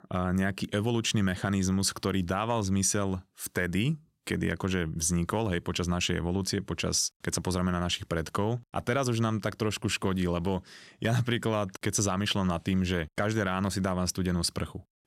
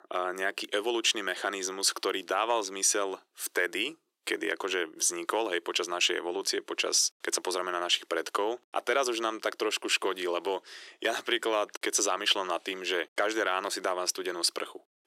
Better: first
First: none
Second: thin; very; fading below 350 Hz

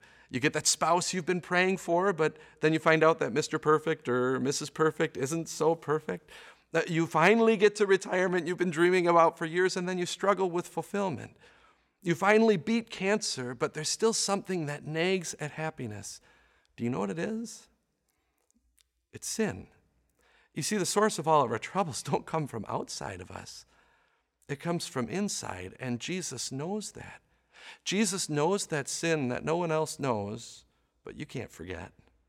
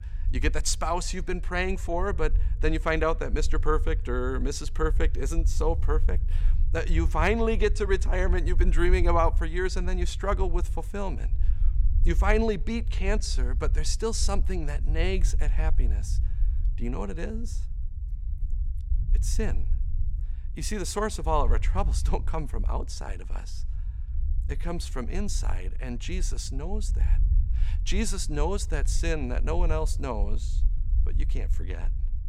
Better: first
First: none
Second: low rumble; faint; throughout; 20 dB below the speech

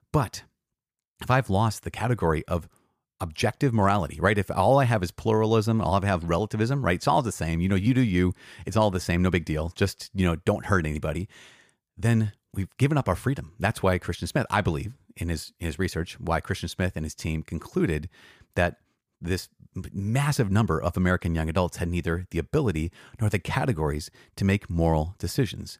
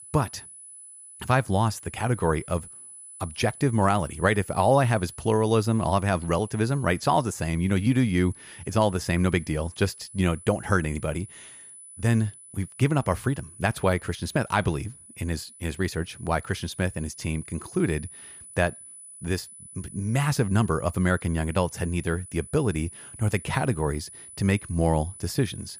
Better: first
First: none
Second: high-pitched whine; noticeable; throughout; 10 kHz, 15 dB below the speech

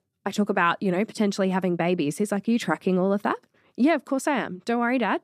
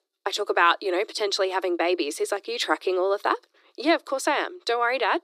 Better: first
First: none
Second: thin; very; fading below 300 Hz

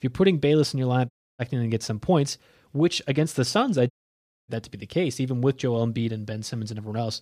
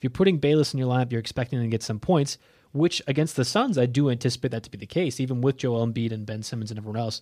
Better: second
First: audio cutting out; at 1 s and at 4 s for 0.5 s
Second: none

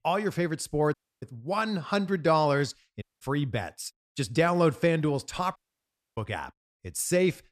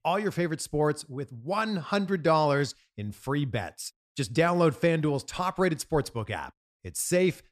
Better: second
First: audio cutting out; at 1 s, at 3 s and at 5.5 s for 0.5 s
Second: none

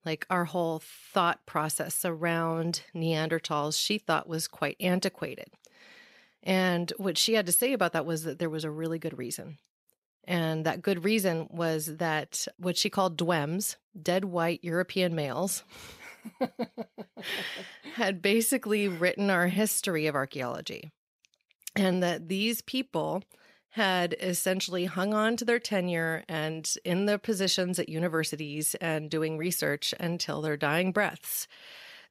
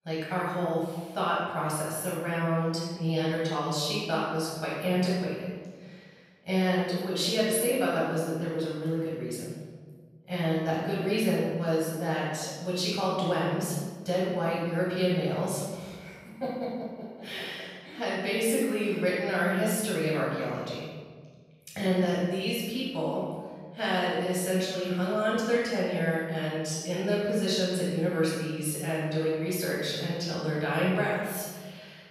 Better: first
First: none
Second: off-mic speech; far // room echo; strong; dies away in 1.5 s

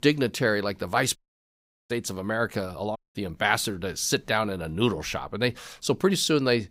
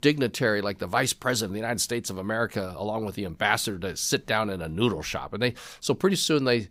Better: second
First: audio cutting out; at 1 s for 0.5 s and at 3 s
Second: none

